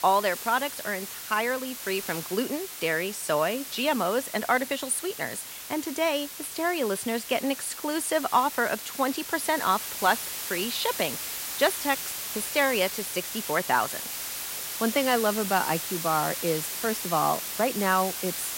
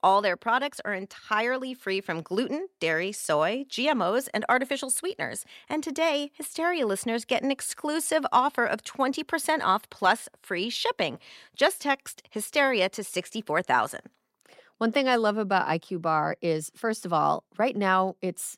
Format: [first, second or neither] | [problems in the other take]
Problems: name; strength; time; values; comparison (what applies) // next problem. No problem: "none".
second | hiss; loud; throughout; 6 dB below the speech